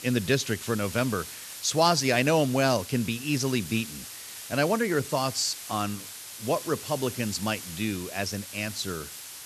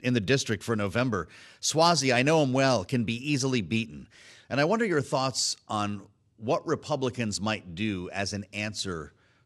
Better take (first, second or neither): second